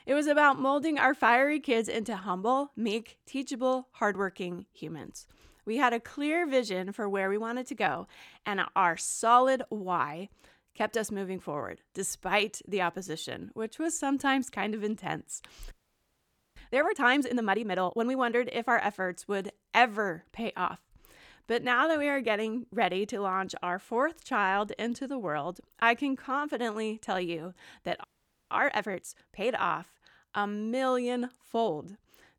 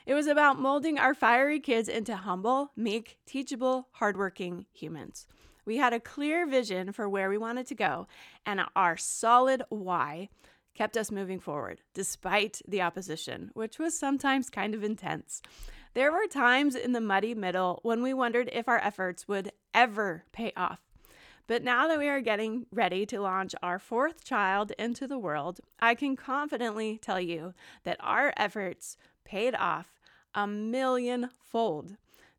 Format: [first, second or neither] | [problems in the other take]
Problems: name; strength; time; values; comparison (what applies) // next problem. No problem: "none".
second | audio freezing; at 16 s for 1 s and at 28 s